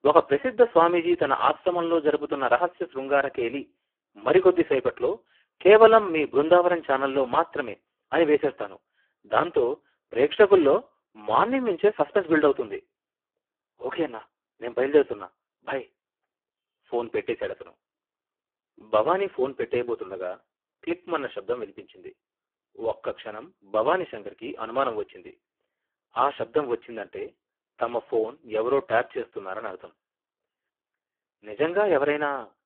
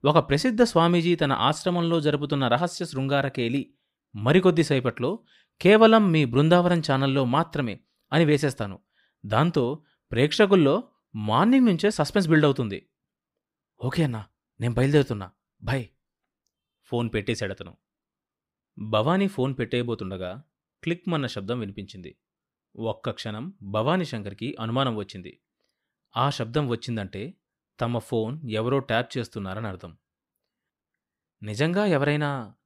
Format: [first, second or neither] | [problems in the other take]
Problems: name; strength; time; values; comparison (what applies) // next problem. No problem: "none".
second | phone-call audio; poor line